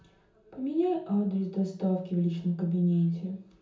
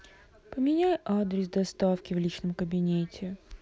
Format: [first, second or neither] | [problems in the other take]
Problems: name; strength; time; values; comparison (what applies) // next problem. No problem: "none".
second | room echo; dies away in 0.7 s